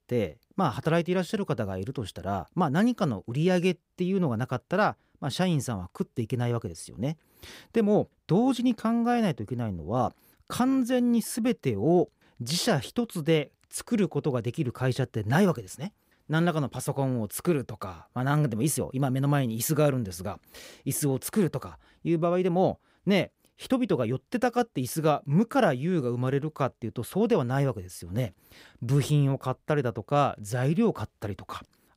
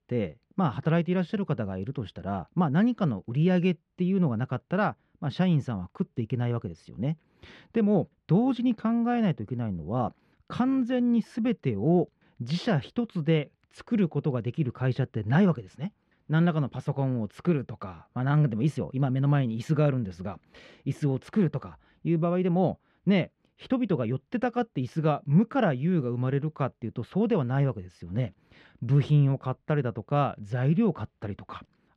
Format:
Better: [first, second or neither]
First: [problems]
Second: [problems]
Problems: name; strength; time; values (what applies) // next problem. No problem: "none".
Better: first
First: none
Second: muffled; slightly; fading above 3 kHz